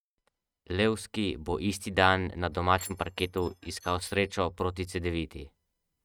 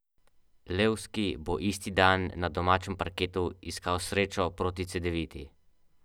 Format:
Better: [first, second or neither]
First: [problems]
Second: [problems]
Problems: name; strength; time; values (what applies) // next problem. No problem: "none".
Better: second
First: noise reduction (neural mask model RNNoise)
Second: none